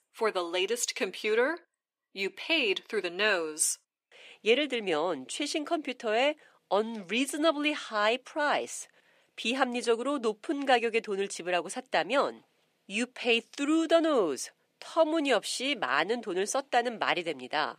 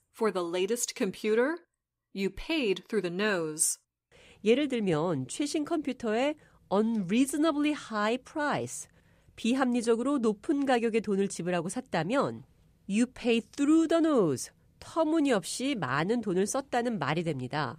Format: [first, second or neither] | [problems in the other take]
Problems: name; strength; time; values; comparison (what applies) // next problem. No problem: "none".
second | thin; somewhat; fading below 300 Hz